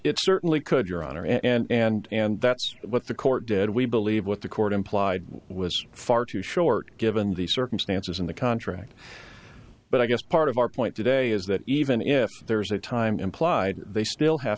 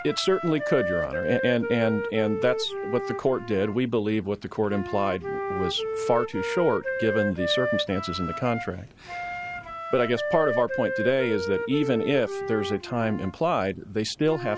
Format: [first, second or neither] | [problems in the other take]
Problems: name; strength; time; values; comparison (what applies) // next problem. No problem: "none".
first | background sound (Wind instrument, woodwind instrument); 5 dB below the speech